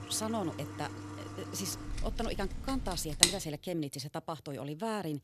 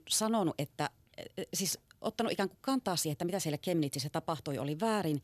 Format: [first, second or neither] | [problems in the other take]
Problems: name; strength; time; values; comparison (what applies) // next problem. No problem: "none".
second | household noises; very loud; until 3 s; 3 dB above the speech